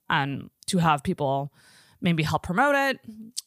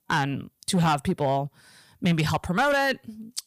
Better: first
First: none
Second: distortion; slight; 6% of the sound clipped

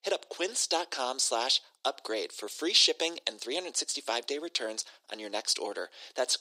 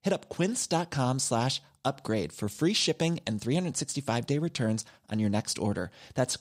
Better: second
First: thin; very; fading below 350 Hz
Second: none

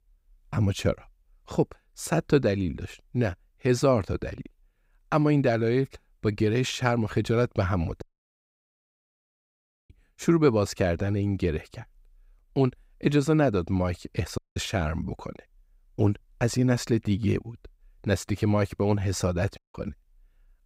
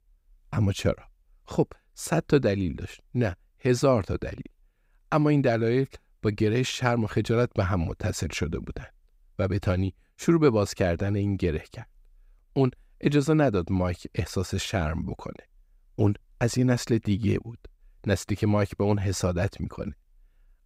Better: second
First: audio cutting out; at 8 s for 2 s, at 14 s and at 20 s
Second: none

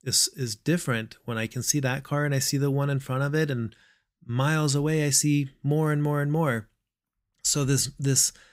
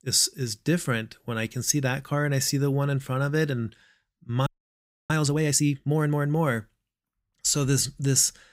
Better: first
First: none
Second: audio freezing; at 4.5 s for 0.5 s

